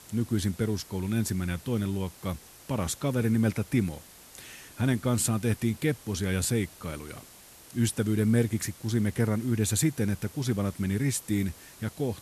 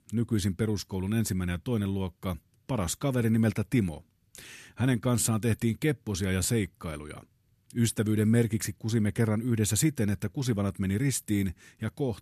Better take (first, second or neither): second